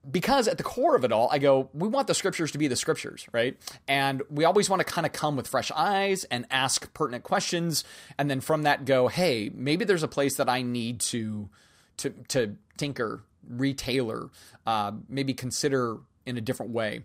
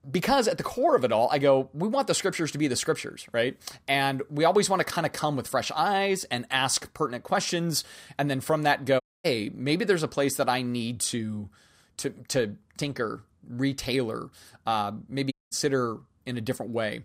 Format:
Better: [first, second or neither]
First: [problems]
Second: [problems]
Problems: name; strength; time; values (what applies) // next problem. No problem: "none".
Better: first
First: none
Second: audio cutting out; at 9 s and at 15 s